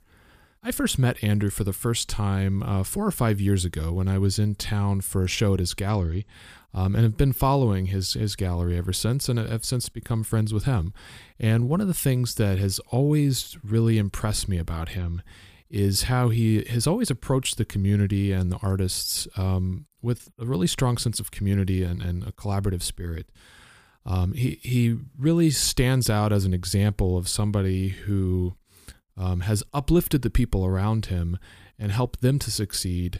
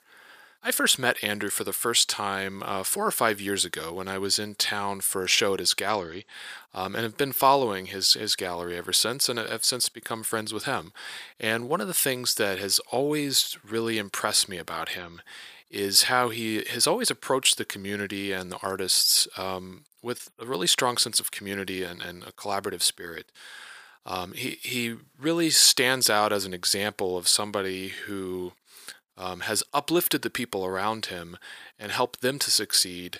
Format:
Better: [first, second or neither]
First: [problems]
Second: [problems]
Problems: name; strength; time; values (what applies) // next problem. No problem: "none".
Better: first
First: none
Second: thin; very; fading below 500 Hz